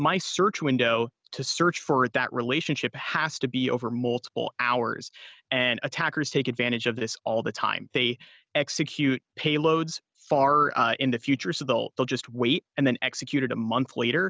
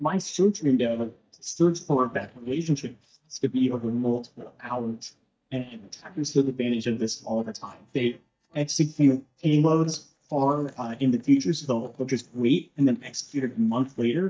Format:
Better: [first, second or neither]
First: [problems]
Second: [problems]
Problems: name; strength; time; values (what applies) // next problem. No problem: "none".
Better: first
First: none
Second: noise reduction (neural mask model DeepFilterNet 3)